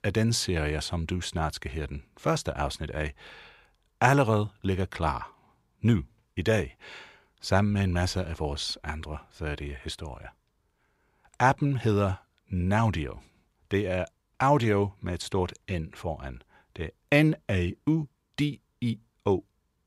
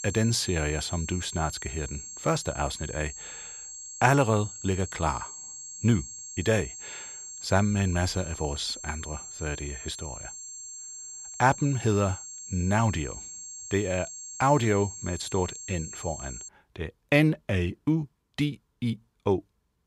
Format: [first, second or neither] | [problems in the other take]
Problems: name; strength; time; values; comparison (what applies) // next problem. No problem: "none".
first | high-pitched whine; noticeable; until 16 s; 7.5 kHz, 10 dB below the speech